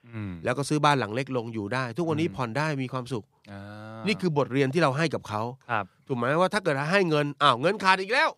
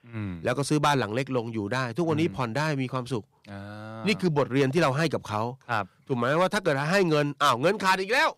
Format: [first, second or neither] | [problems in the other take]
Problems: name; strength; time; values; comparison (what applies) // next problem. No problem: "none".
first | distortion; slight; 2% of the sound clipped